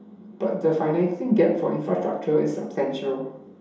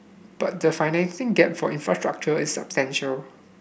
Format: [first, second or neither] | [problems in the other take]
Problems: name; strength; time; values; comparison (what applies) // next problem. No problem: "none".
second | room echo; dies away in 2.8 s